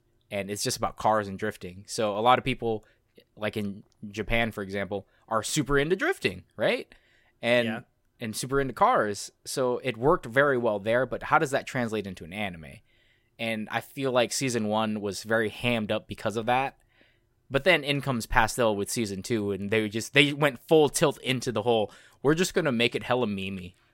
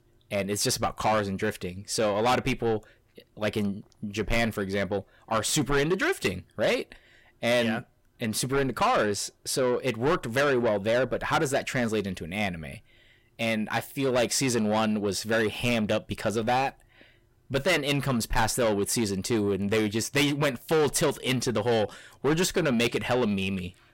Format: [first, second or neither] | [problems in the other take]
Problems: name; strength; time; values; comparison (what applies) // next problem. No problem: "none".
first | distortion; heavy; 7 dB below the speech